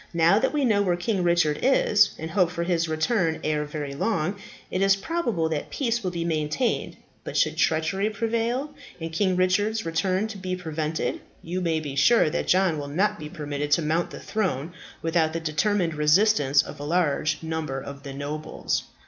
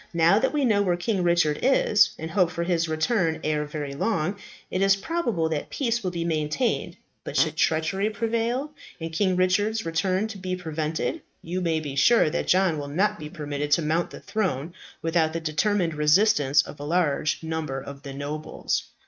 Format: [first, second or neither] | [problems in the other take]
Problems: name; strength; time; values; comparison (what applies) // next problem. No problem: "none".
first | noise reduction (neural mask model RNNoise)